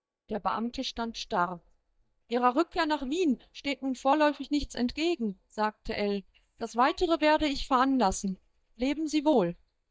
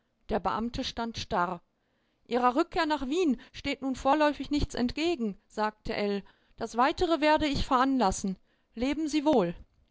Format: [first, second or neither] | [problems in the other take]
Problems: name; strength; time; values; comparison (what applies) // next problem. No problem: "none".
second | noise reduction (neural mask model DeepFilterNet 3)